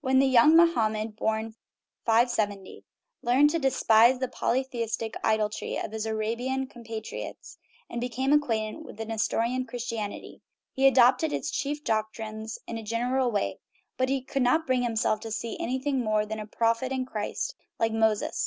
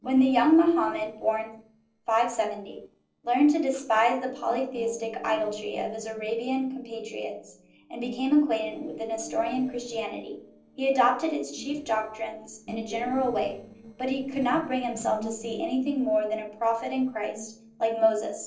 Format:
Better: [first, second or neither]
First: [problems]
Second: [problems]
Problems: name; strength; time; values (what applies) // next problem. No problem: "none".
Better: first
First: none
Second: noise reduction (neural separator model SepFormer DNS4)